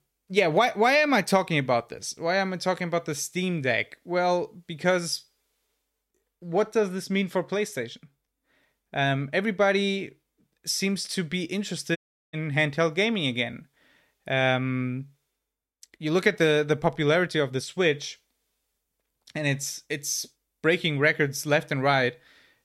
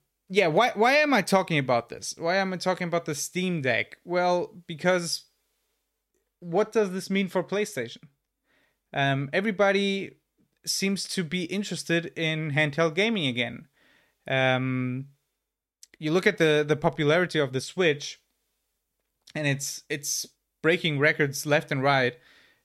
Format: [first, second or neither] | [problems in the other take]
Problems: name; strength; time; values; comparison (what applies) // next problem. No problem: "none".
second | audio cutting out; at 12 s